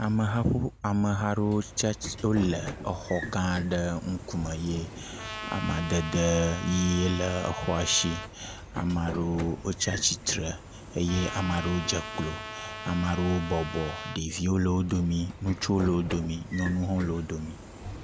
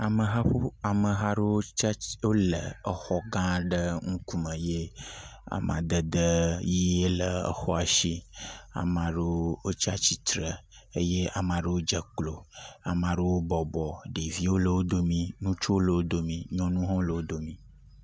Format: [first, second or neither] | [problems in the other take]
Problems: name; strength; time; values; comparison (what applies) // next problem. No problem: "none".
second | background sound (Sliding door / Train + Trumpet); 11 dB below the speech